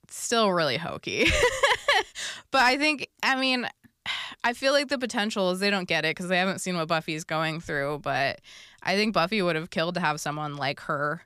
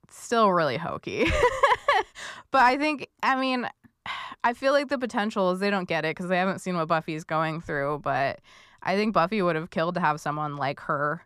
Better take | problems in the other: first | muffled; slightly; fading above 2 kHz

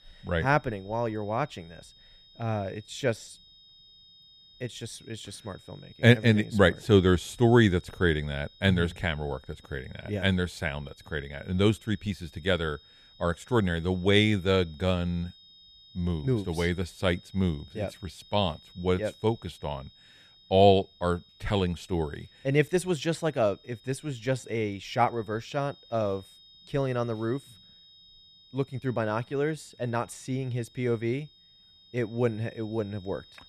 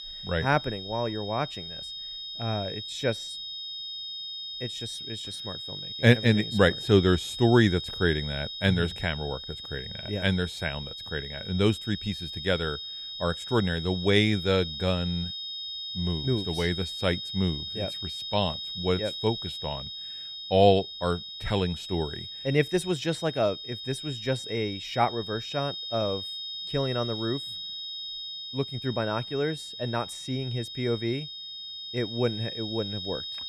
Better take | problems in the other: first | high-pitched whine; loud; throughout; 4 kHz, 7 dB below the speech; faint in the first

